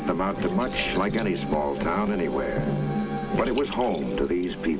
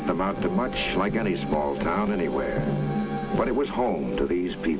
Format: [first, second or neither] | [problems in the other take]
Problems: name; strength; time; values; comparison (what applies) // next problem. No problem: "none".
second | background sound (Liquid); 19 dB below the speech